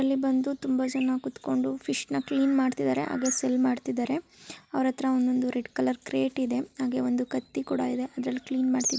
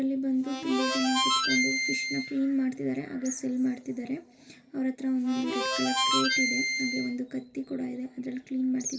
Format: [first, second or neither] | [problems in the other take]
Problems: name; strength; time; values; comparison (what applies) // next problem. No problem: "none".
first | background sound (Harmonica); 1 dB above the speech // room echo; dies away in 2.3 s